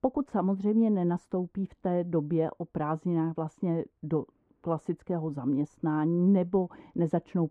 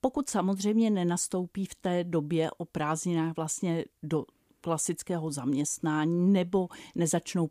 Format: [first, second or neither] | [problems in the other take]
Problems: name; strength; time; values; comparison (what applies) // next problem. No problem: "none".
second | muffled; very; fading above 3 kHz